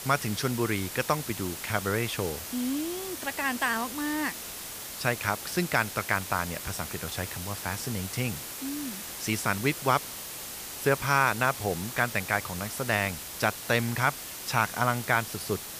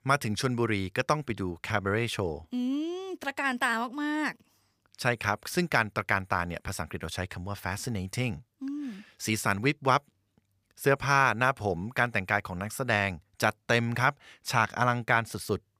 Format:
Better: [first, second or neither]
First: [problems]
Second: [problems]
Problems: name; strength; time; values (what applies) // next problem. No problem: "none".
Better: second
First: hiss; loud; throughout; 7 dB below the speech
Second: none